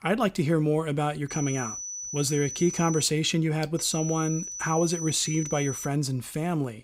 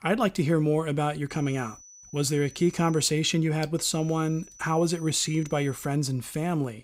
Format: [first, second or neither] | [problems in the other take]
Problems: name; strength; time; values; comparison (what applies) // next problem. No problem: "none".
second | high-pitched whine; loud; from 1.5 to 3 s and from 4 to 6 s; 6 kHz, 7 dB below the speech; faint in the second